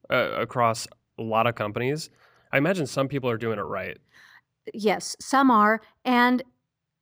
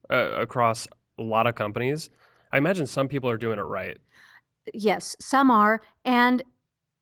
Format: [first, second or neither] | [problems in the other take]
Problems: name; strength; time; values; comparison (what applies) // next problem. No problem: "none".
first | garbled, watery; slightly